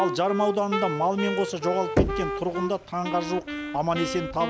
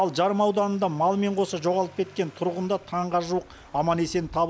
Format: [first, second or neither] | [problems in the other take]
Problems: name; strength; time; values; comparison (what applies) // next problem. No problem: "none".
second | background sound (Wind instrument, woodwind instrument + Knock); 3 dB below the speech